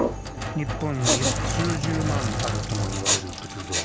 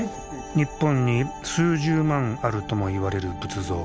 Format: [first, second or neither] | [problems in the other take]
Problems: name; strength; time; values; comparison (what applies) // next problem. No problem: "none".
second | background sound (Respiratory sounds + Sink (filling or washing)); 4 dB above the speech